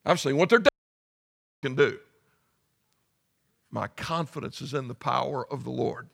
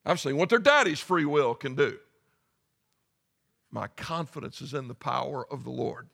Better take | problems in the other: second | audio cutting out; at 0.5 s for 1 s

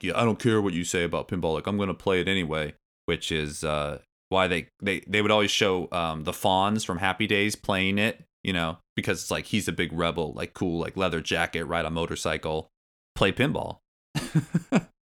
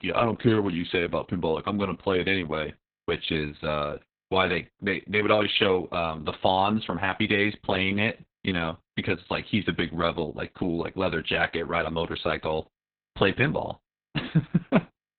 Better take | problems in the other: first | garbled, watery; badly; nothing above 4 kHz

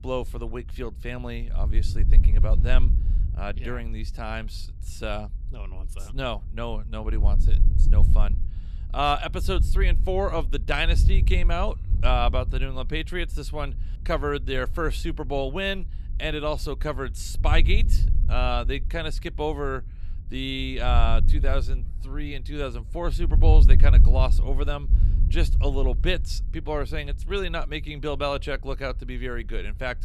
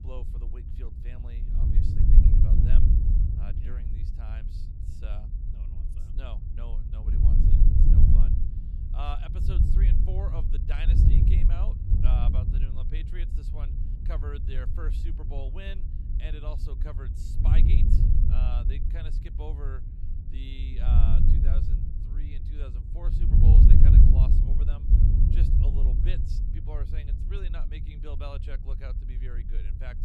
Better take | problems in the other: first | wind noise on the microphone; heavy; 3 dB above the speech; occasional gusts in the first

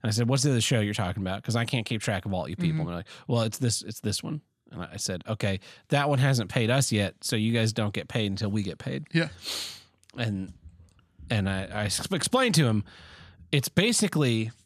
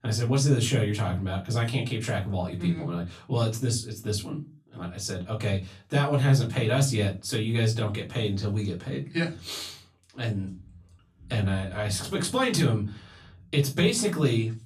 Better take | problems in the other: first | off-mic speech; far // room echo; very slight; dies away in 0.3 s

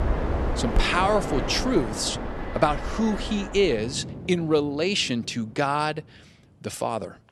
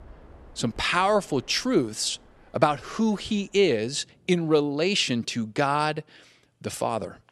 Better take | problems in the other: second | train or aircraft noise; loud; throughout; 6 dB below the speech; faint in the second

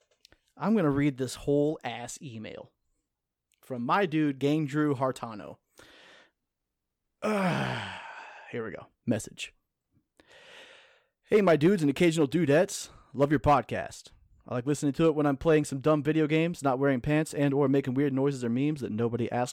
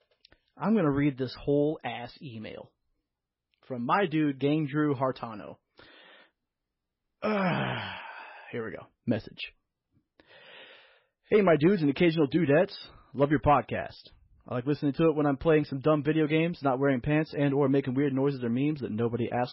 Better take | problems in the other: first | garbled, watery; badly; nothing above 5.5 kHz

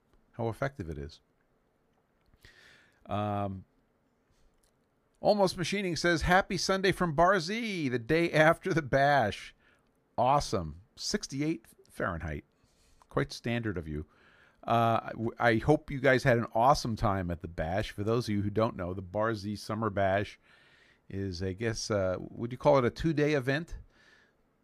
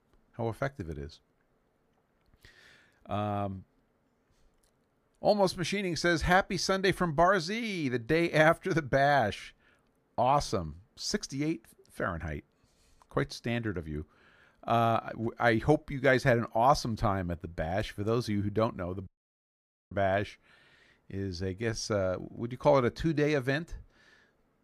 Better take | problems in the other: first | audio cutting out; at 19 s for 1 s

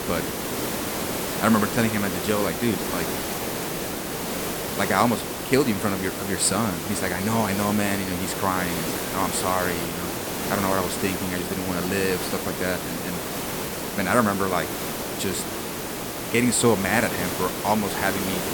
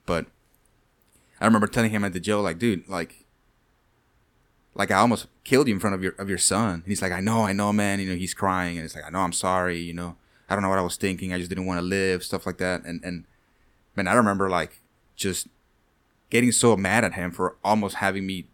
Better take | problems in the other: second | hiss; loud; throughout; 3 dB below the speech

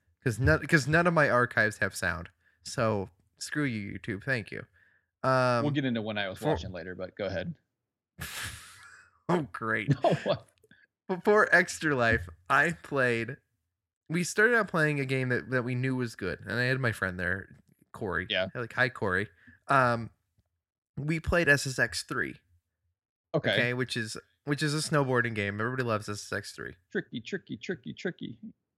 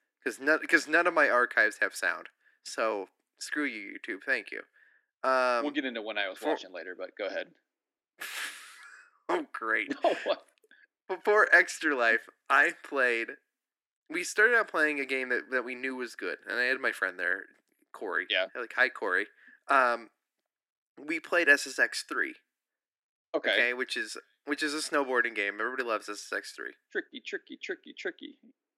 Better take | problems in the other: first | thin; somewhat; fading below 300 Hz

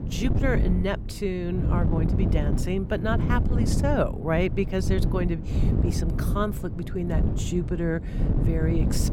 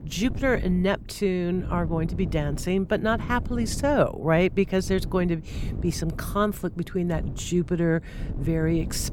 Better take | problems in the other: second | wind noise on the microphone; heavy; 6 dB below the speech; occasional gusts in the second

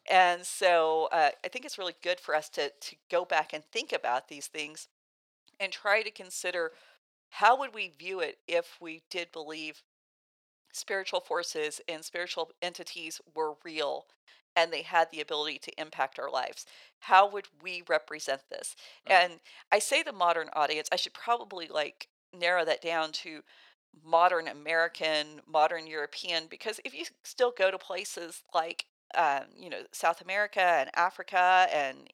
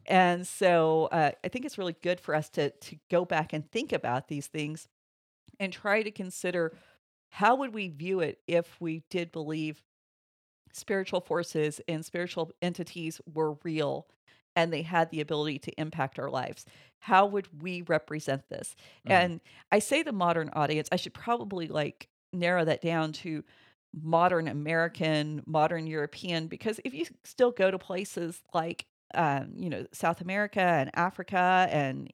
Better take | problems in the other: second | thin; very; fading below 700 Hz

